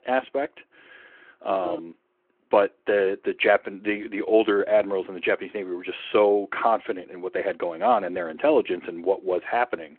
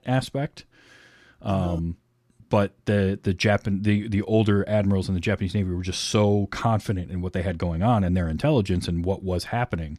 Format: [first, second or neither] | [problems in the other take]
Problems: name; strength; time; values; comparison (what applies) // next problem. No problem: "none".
second | phone-call audio